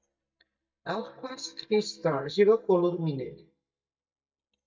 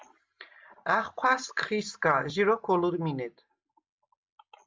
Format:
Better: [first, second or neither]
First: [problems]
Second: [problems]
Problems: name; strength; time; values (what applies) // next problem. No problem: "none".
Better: second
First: noise reduction (neural mask model DeepFilterNet 3)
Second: none